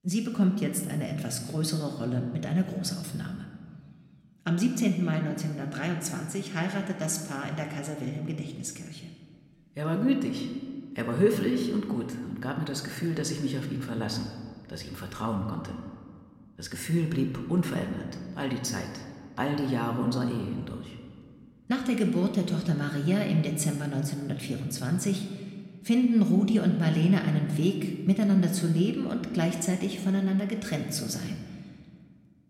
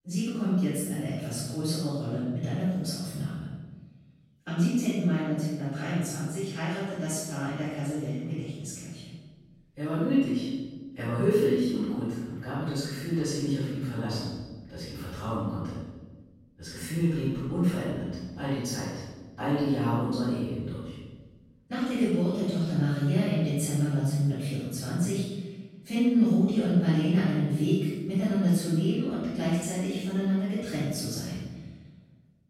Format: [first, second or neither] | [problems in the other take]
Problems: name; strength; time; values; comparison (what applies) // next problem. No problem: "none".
first | room echo; strong; dies away in 1.2 s; slight in the first // off-mic speech; far